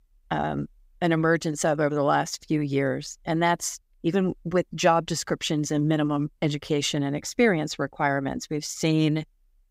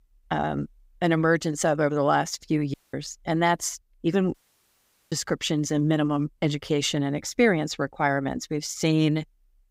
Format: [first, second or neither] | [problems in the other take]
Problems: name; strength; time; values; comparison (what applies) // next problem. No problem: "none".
first | audio cutting out; at 2.5 s and at 4.5 s for 1 s